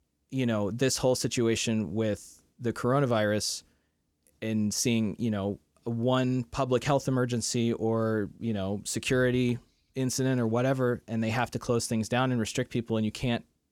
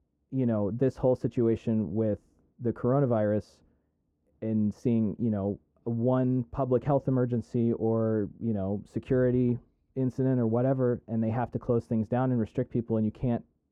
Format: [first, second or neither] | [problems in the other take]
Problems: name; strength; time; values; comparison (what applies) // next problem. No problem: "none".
first | muffled; very; fading above 2 kHz